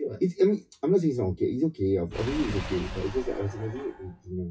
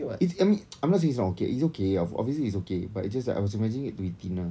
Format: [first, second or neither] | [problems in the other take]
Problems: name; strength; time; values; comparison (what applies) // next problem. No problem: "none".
second | noise reduction (classical method WPE with log-MMSE)